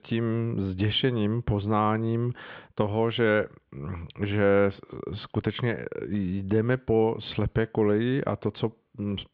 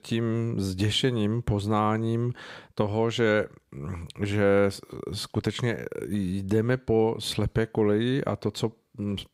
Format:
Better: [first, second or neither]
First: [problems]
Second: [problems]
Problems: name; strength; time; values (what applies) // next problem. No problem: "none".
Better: second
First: muffled; very; fading above 3 kHz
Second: none